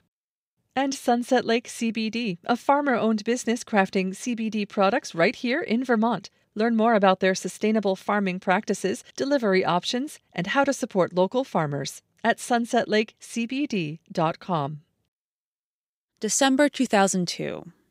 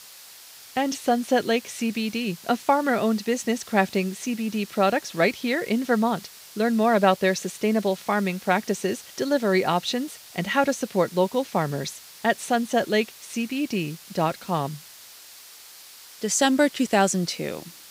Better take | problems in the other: first | hiss; noticeable; throughout; 20 dB below the speech

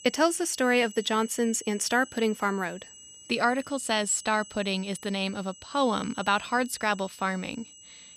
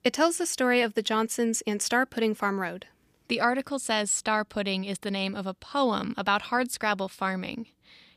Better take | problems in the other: second | high-pitched whine; noticeable; throughout; 8 kHz, 20 dB below the speech

